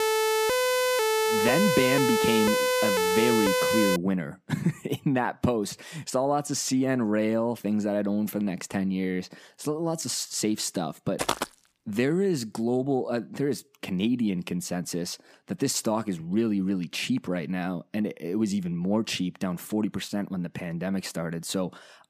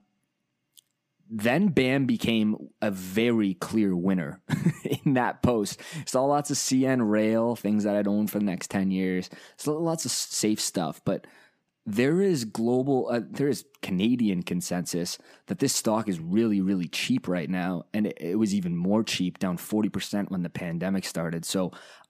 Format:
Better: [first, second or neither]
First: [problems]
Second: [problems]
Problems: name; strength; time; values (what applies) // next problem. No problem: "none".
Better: second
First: siren; loud; until 4 s; peak 4 dB above the speech // footsteps; noticeable; at 11 s; peak 1 dB below the speech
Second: none